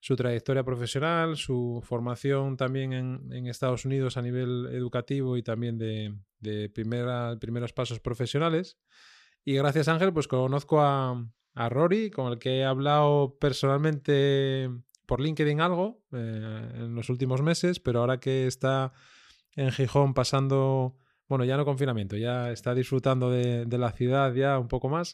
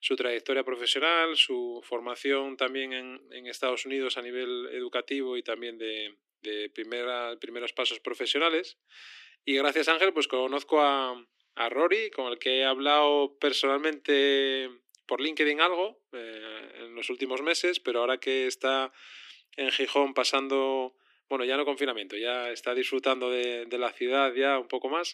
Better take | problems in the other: first | thin; somewhat; fading below 300 Hz

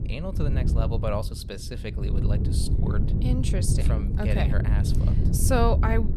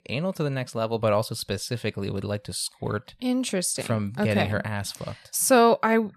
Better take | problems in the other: second | wind noise on the microphone; heavy; 6 dB below the speech

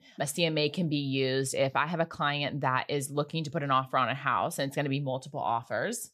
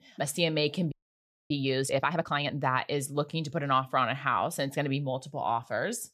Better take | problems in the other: first | audio freezing; at 1 s for 0.5 s

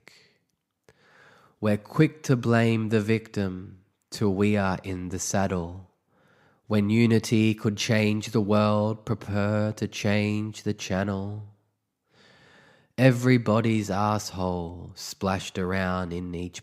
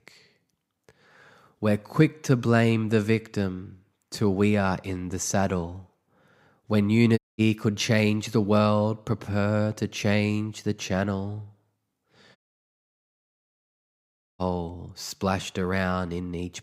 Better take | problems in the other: first | audio cutting out; at 7 s and at 12 s for 2 s

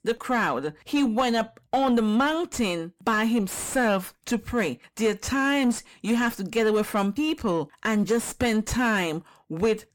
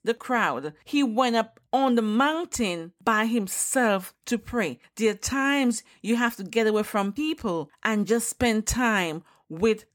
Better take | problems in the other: second | distortion; slight; 10 dB below the speech

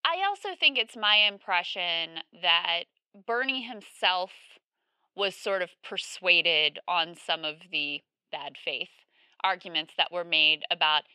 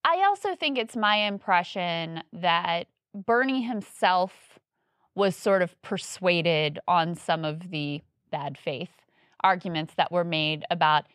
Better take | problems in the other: second | thin; somewhat; fading below 350 Hz

